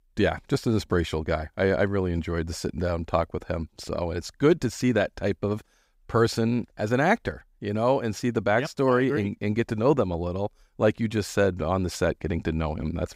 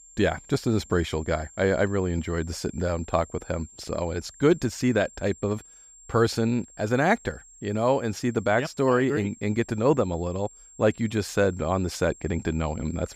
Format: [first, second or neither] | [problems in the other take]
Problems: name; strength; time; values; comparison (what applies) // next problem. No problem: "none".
first | high-pitched whine; faint; throughout; 7.5 kHz, 20 dB below the speech